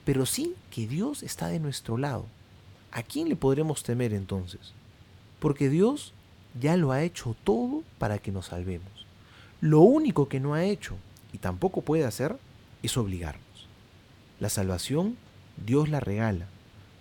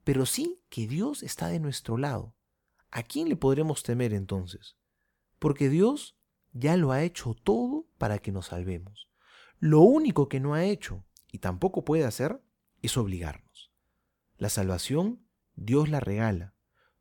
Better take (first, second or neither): second